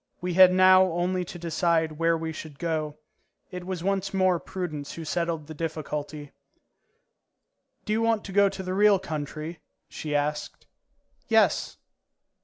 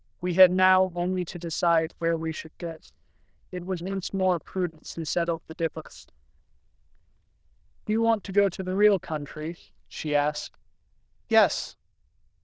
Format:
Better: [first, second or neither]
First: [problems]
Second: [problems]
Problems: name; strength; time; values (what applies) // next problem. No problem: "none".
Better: first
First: none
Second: noise reduction (neural diffusion model UNIVERSE++)